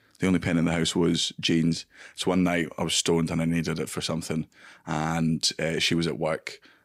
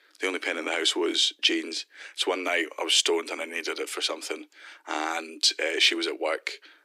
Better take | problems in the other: first | thin; very; fading below 300 Hz

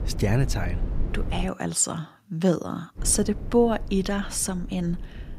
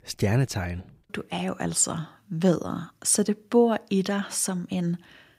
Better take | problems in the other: second | low rumble; noticeable; until 1.5 s and from 3 s on; 15 dB below the speech

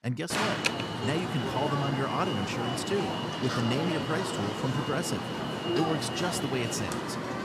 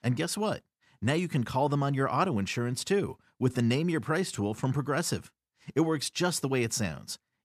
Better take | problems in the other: second | alarm; loud; peak 5 dB above the speech

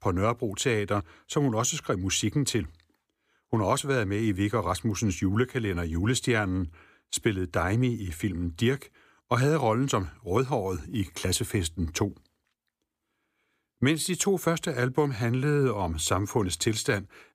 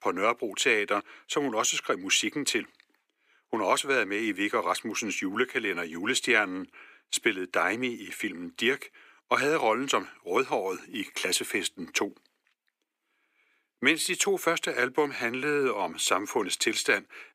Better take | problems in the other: first | thin; somewhat; fading below 300 Hz

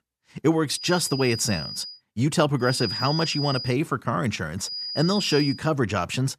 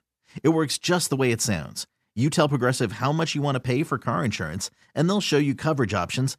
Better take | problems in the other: second | high-pitched whine; loud; from 1 to 2 s, from 2.5 to 3.5 s and at 4.5 s; 5 kHz, 6 dB below the speech

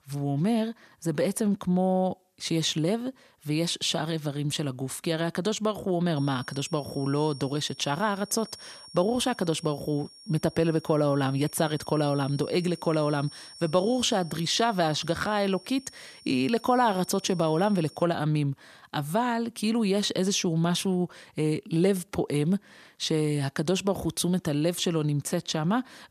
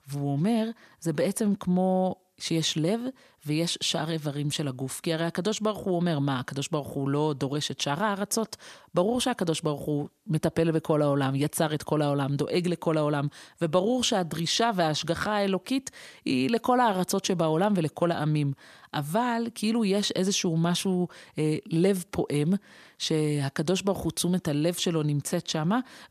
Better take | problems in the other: second | high-pitched whine; noticeable; from 6 to 18 s; 5.5 kHz, 20 dB below the speech

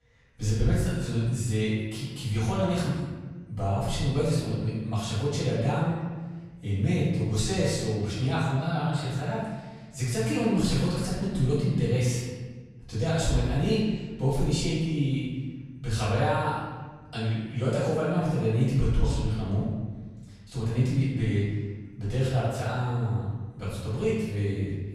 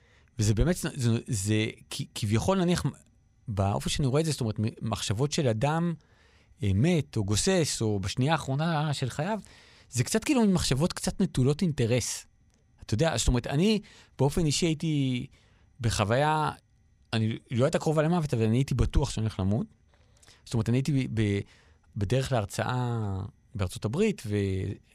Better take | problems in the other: second | off-mic speech; far // room echo; strong; dies away in 1.2 s

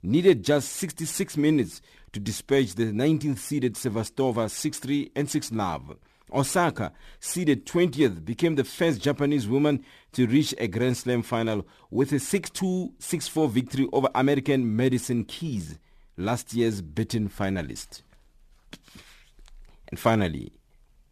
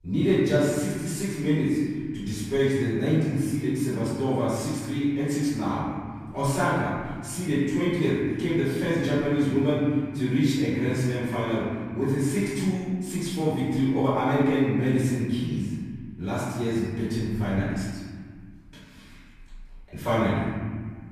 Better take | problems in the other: first | off-mic speech; far // room echo; strong; dies away in 1.8 s

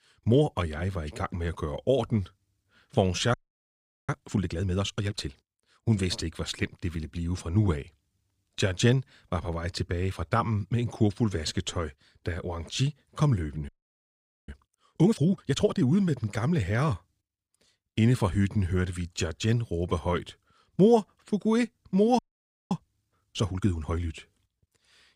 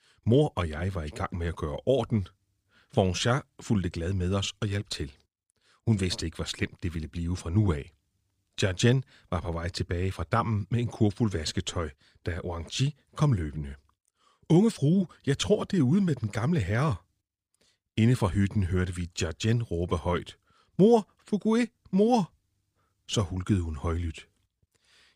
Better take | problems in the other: second | audio freezing; at 3.5 s for 1 s, at 14 s for 1 s and at 22 s for 0.5 s

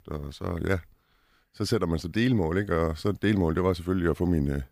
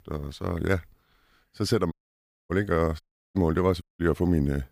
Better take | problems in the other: first | audio cutting out; at 2 s for 0.5 s, at 3 s and at 4 s

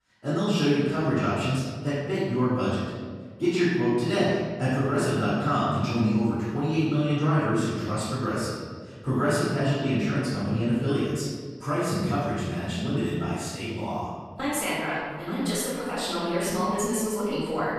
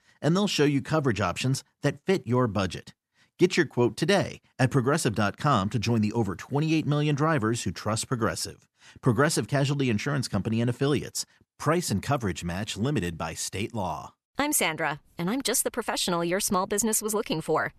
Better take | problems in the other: second | off-mic speech; far // room echo; strong; dies away in 1.6 s

